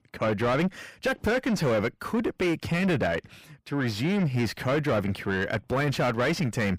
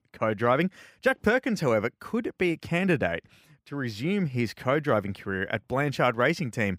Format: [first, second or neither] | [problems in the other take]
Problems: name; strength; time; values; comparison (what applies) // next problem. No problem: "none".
second | distortion; heavy; 7 dB below the speech